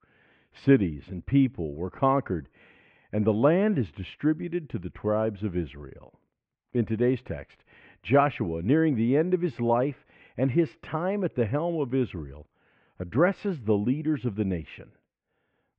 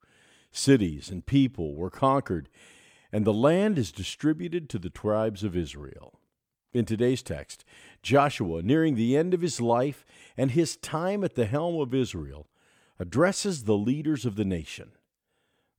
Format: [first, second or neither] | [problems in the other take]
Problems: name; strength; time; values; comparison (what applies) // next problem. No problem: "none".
second | muffled; very; fading above 2.5 kHz